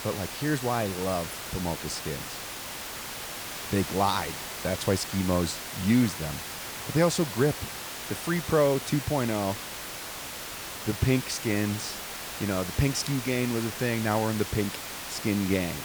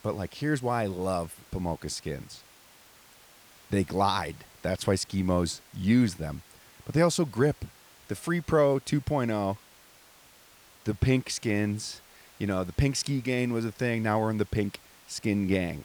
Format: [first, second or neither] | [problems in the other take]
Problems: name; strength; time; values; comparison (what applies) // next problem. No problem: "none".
second | hiss; loud; throughout; 7 dB below the speech; faint in the second